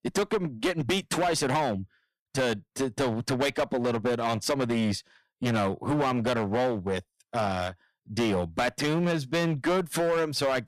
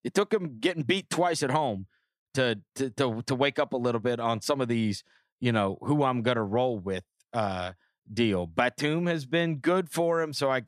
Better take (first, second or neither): second